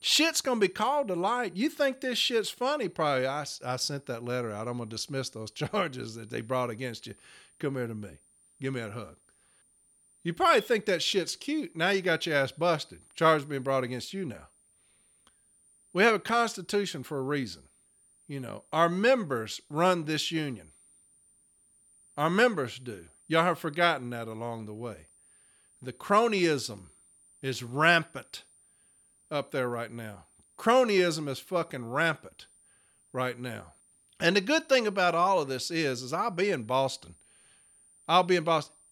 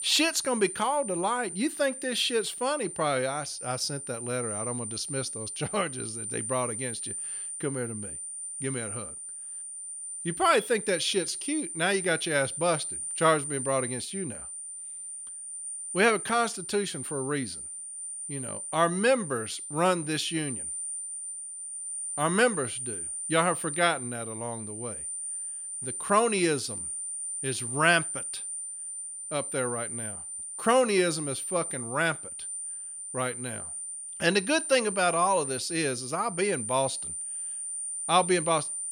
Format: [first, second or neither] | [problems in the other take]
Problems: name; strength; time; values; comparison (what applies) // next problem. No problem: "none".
first | high-pitched whine; loud; throughout; 9 kHz, 6 dB below the speech; faint in the first